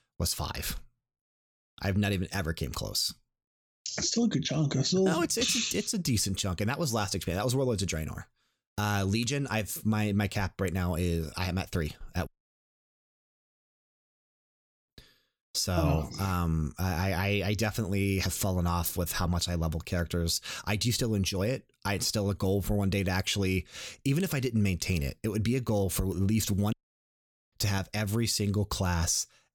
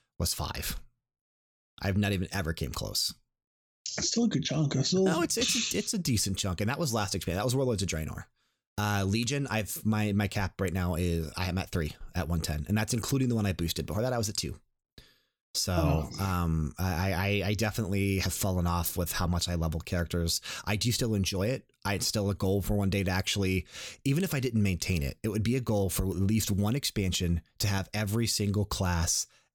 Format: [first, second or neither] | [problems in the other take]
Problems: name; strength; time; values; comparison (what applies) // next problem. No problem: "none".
second | audio cutting out; at 12 s for 2.5 s and at 27 s for 1 s